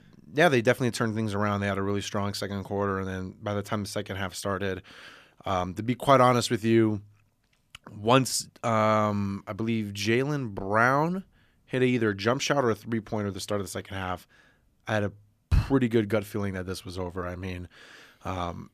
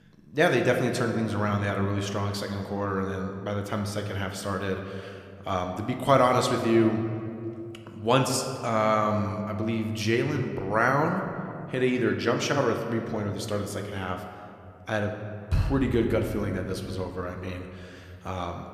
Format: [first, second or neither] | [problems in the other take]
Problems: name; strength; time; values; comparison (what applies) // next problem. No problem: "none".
first | room echo; slight; dies away in 1.9 s